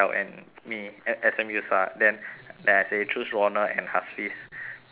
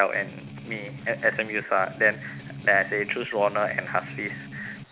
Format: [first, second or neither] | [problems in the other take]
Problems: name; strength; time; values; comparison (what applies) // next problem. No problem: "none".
first | background sound (Strum); 13 dB below the speech